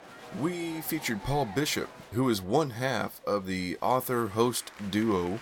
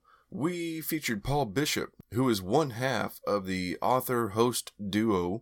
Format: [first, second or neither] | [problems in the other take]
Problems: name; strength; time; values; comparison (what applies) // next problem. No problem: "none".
second | crowd noise; noticeable; throughout; 20 dB below the speech